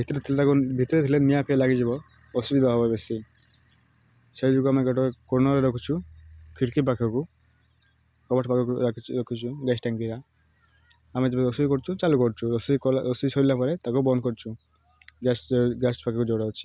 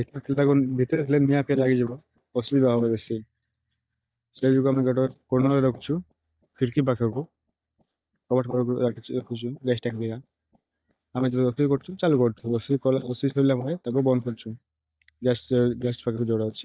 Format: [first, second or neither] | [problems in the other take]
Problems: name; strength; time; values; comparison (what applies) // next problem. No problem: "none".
first | noise reduction (neural mask model DeepFilterNet 3)